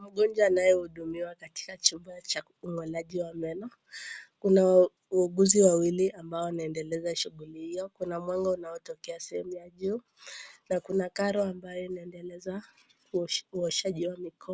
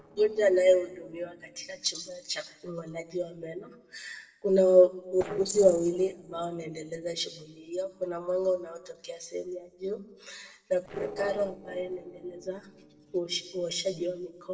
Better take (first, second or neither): first